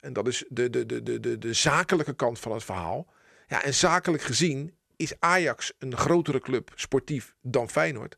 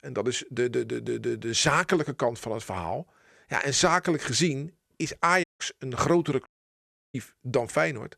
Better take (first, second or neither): first